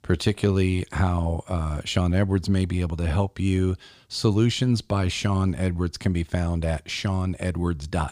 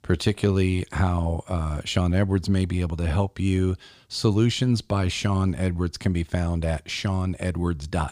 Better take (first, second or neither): neither